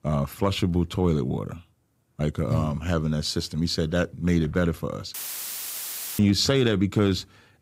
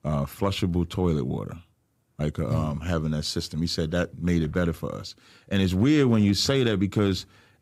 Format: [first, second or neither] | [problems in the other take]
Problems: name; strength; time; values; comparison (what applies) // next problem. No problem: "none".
second | audio cutting out; filled with static; at 5 s for 1 s